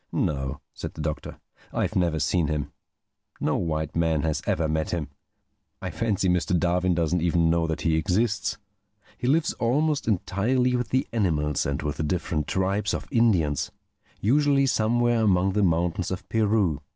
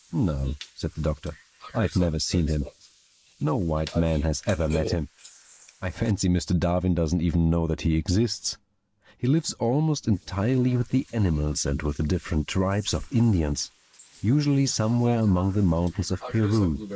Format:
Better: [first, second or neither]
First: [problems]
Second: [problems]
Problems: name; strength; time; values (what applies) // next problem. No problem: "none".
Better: first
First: none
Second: noise reduction (neural mask model Resemble Enhance denoiser)